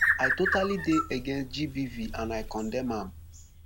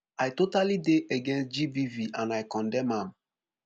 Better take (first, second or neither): second